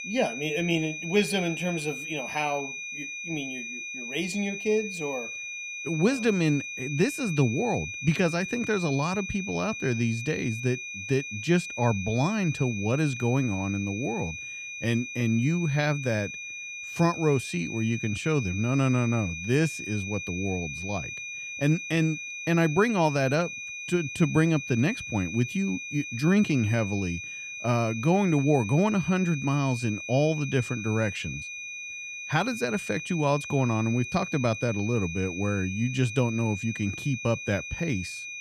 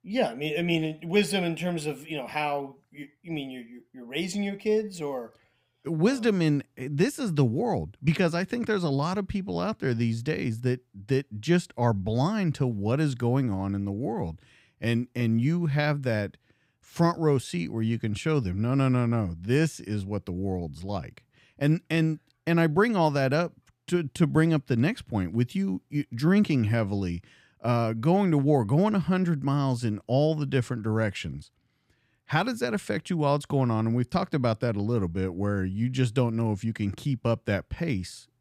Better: second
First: high-pitched whine; loud; throughout; 2.5 kHz, 7 dB below the speech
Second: none

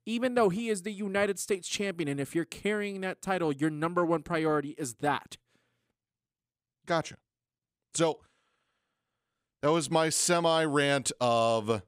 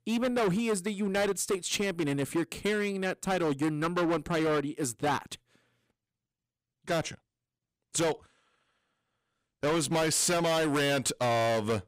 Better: first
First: none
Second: distortion; heavy; 15% of the sound clipped

